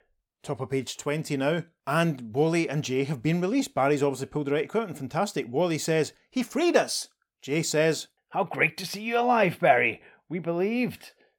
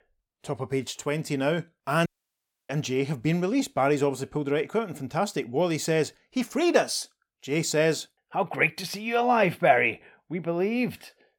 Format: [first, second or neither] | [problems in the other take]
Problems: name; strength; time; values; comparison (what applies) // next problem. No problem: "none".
first | audio cutting out; at 2 s for 0.5 s